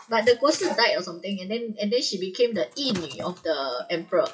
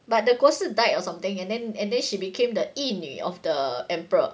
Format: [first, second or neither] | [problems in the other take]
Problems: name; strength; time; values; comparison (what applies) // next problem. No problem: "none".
second | noise reduction (classical method WPE with log-MMSE)